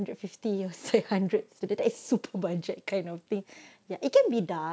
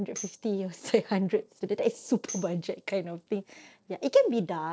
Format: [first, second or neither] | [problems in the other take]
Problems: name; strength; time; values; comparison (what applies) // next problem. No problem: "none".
first | noise reduction (neural separator model SepFormer DNS4)